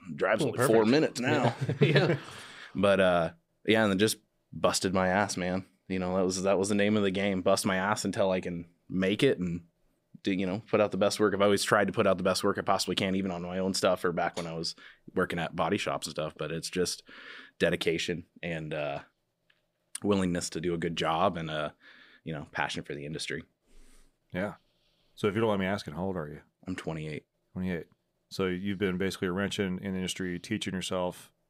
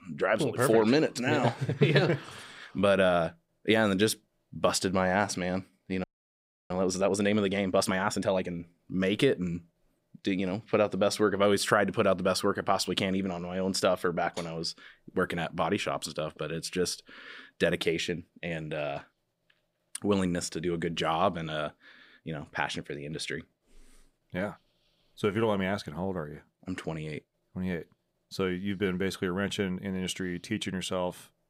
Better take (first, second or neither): first